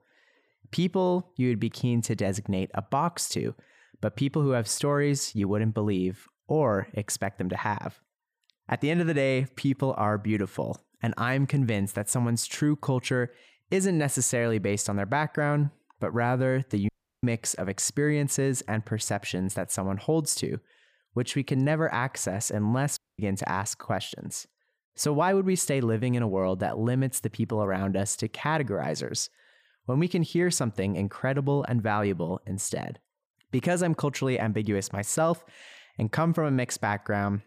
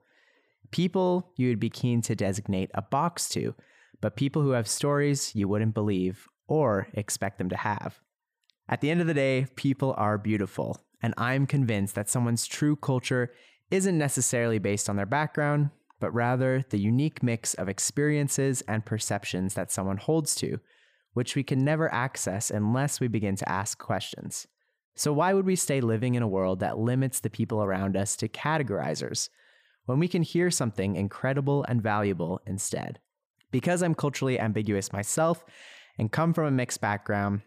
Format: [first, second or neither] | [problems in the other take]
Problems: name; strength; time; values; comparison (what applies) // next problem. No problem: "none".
second | audio cutting out; at 17 s and at 23 s